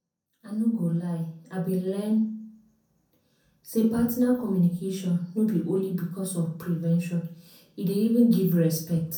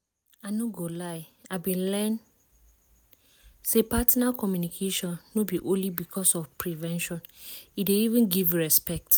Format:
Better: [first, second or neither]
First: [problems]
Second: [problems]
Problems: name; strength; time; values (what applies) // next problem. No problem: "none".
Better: second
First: room echo; dies away in 0.5 s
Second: none